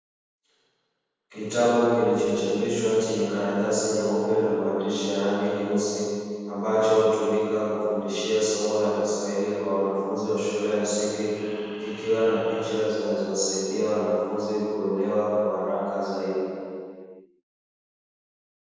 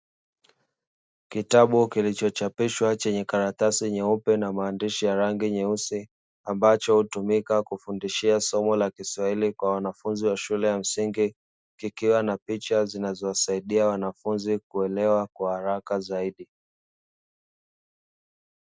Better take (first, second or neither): second